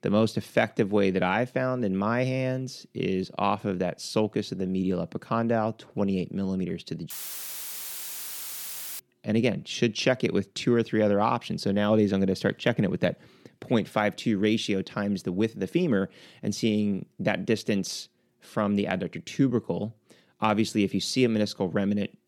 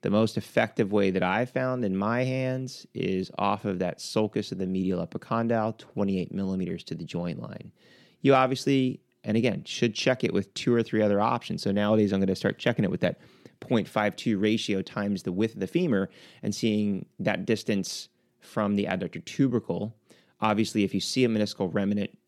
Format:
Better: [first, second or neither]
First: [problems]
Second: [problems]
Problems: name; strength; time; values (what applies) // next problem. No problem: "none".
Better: second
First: audio cutting out; filled with static; at 7 s for 2 s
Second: none